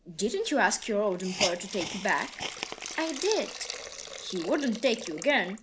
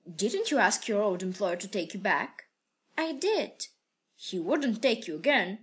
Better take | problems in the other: second | background sound (Hiss); 9 dB below the speech

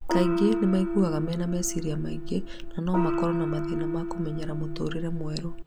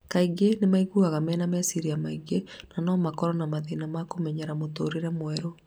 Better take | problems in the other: second | background sound (Gong); 1 dB below the speech

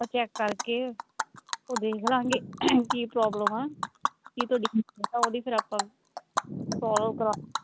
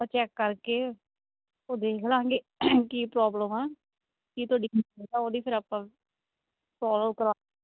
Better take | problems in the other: second | background sound (Animal); 5 dB below the speech

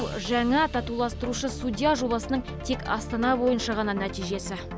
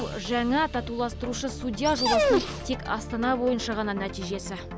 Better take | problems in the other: first | background sound (Dog); 1 dB above the speech

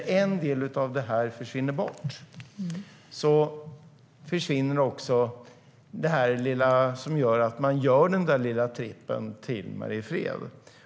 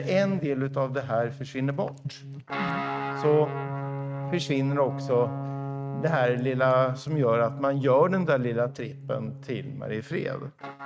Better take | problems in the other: first | noise reduction (neural mask model RNNoise)

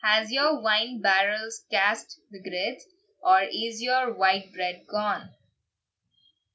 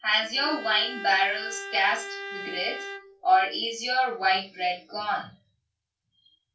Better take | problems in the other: first | background sound (Bowed string instrument); 10 dB below the speech // room echo; dies away in 0.2 s

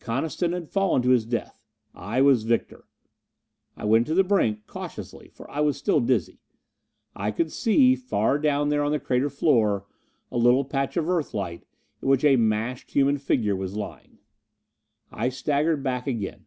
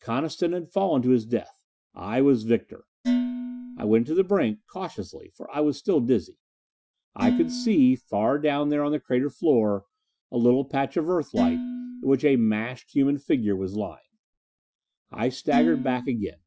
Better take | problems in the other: first | noise reduction (classical method Wiener filter)

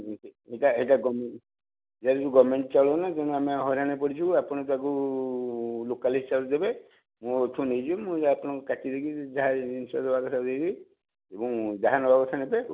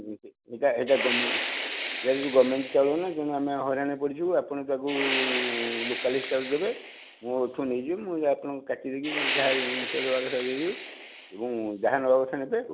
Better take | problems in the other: first | background sound (Fire); 6 dB below the speech

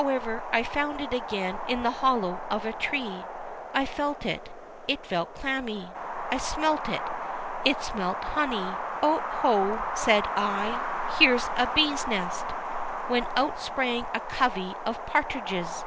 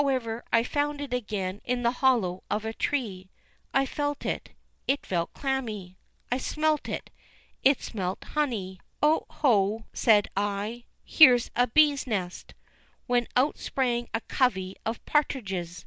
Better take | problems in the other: second | background sound (Wind); 5 dB below the speech

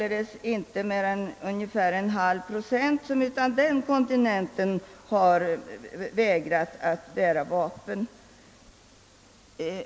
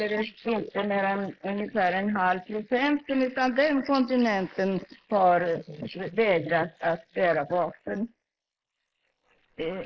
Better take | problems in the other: first | noise reduction (neural mask model Resemble Enhance denoiser)

